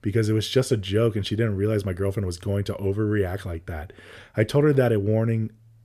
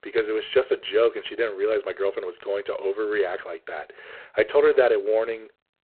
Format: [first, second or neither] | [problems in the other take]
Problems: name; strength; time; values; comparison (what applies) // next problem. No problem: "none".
first | phone-call audio; poor line